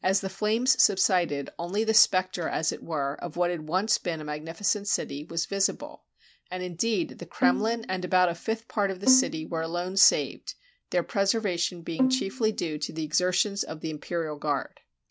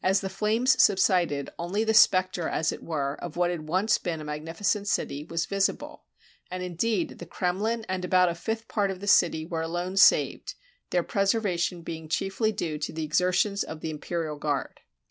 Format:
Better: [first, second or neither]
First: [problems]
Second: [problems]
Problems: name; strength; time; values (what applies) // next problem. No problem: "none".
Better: second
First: background sound (Bowed string instrument); 4 dB below the speech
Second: none